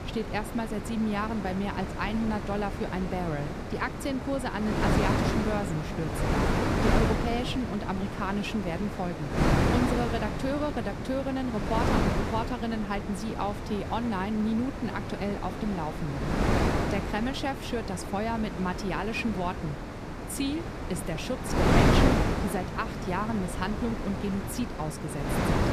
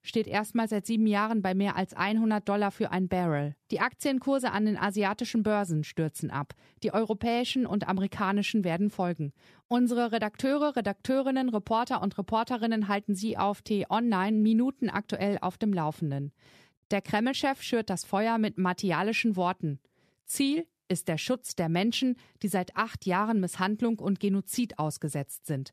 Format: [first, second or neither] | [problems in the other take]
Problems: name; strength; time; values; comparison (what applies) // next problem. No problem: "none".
second | wind noise on the microphone; heavy; as loud as the speech